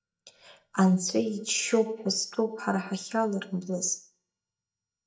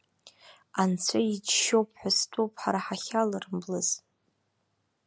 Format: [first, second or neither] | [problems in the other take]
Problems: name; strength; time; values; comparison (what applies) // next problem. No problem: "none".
second | noise reduction (neural mask model DeepFilterNet 3)